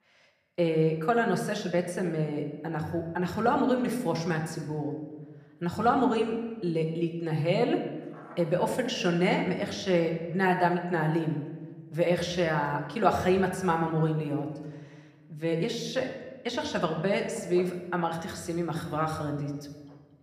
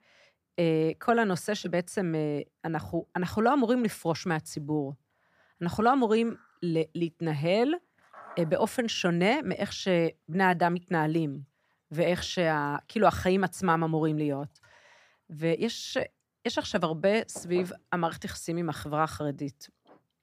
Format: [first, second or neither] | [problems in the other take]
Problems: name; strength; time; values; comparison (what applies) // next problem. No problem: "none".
second | room echo; slight; dies away in 1 s